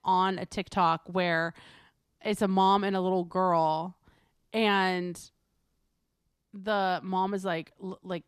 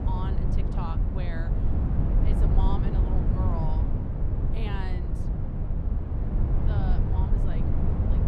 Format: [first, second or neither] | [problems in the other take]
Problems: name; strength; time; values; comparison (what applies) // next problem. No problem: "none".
first | wind noise on the microphone; heavy; 1 dB above the speech